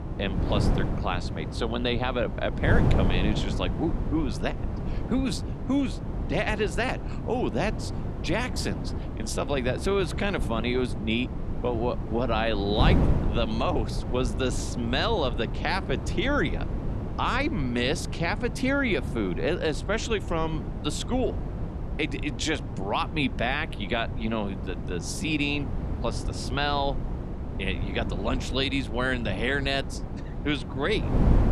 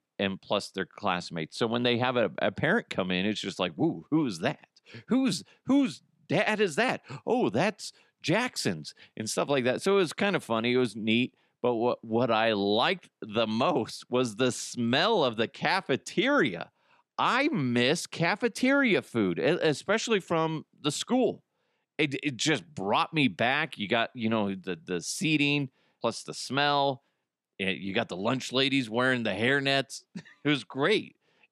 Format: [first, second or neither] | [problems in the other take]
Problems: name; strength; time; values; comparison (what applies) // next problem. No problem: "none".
second | wind noise on the microphone; heavy; 10 dB below the speech